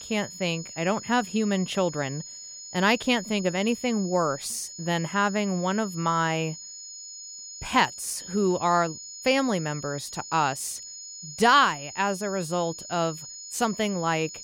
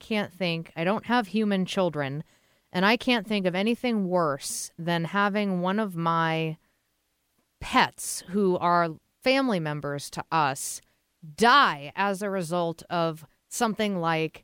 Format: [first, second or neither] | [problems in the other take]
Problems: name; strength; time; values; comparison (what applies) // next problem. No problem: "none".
second | high-pitched whine; noticeable; throughout; 7 kHz, 10 dB below the speech